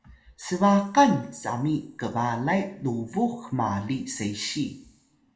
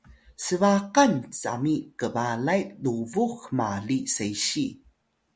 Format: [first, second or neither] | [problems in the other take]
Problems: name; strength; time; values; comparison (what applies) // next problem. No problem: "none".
second | room echo; dies away in 0.6 s